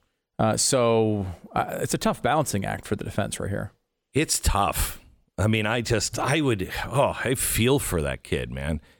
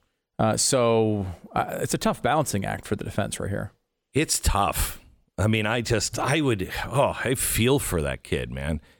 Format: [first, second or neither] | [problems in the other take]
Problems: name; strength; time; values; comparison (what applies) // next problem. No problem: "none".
neither | none